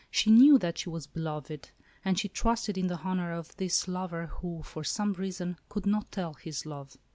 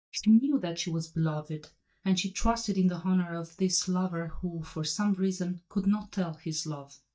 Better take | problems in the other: first | noise reduction (neural mask model DeepFilterNet 3)

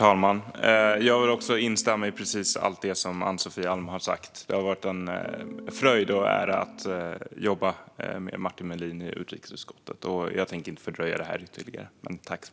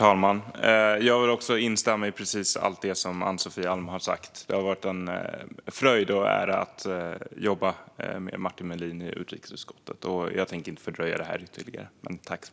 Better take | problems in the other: second | background sound (Electric guitar / Strum); 15 dB below the speech

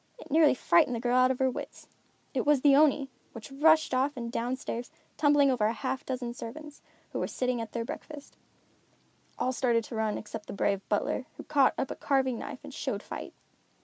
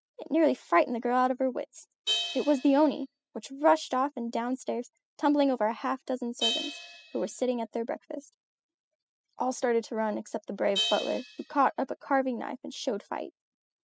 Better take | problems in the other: first | noise reduction (classical method spectral subtraction)

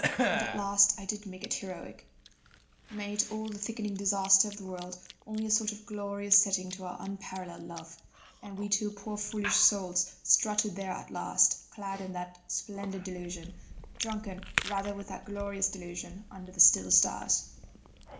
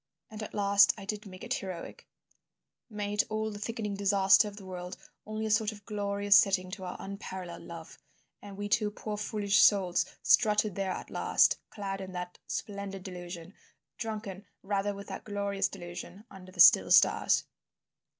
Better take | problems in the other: second | background sound (Chewing, mastication / Cough); 9 dB below the speech // room echo; dies away in 0.4 s

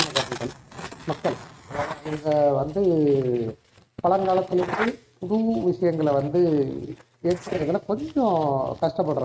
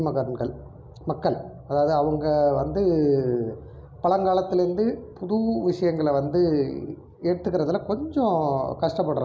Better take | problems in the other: second | noise reduction (neural mask model RNNoise)

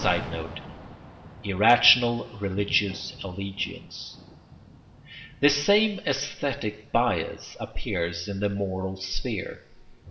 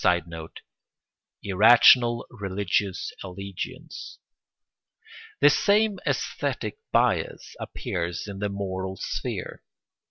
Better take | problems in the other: second | background sound (Thunder / Rain); 17 dB below the speech // room echo; dies away in 1.9 s

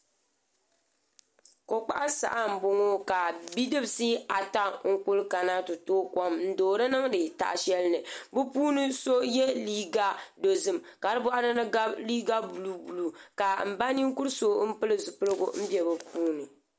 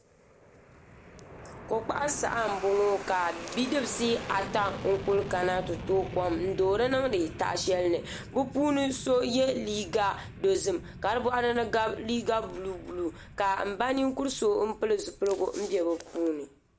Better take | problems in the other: first | background sound (Fixed-wing aircraft, airplane); 13 dB below the speech

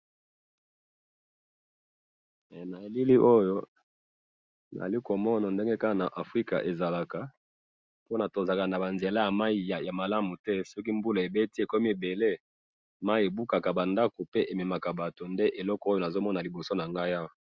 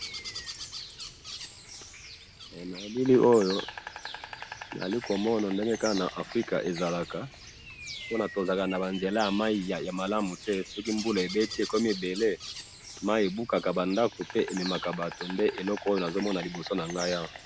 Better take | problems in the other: first | background sound (Insect); 12 dB below the speech

